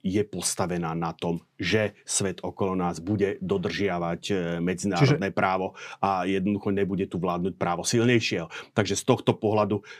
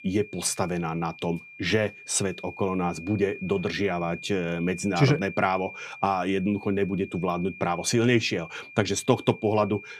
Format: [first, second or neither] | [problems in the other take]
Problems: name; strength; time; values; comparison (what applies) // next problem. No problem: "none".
first | high-pitched whine; noticeable; throughout; 2.5 kHz, 15 dB below the speech